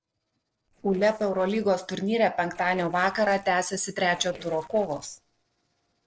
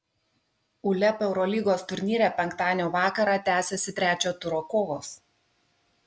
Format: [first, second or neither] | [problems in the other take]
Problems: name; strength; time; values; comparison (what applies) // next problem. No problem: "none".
second | noise reduction (neural separator model SepFormer DNS4)